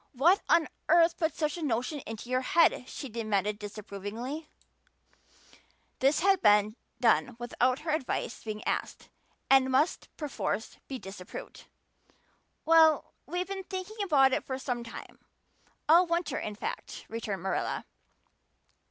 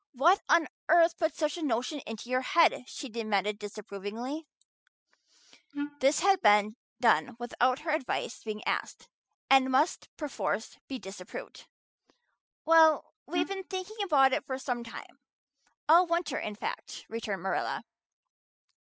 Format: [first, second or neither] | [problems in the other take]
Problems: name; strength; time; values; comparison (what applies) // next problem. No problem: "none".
first | noise reduction (classical method spectral subtraction)